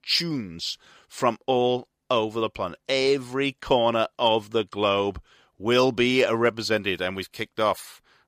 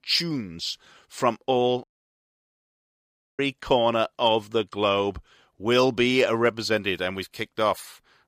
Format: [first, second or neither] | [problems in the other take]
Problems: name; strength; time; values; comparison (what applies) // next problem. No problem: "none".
first | audio cutting out; at 2 s for 1.5 s